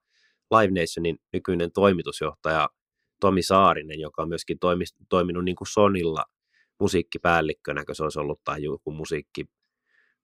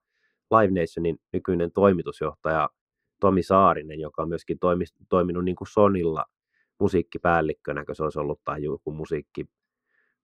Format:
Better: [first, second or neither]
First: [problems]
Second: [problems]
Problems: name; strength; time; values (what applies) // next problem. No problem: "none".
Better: first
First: none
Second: muffled; slightly; fading above 2.5 kHz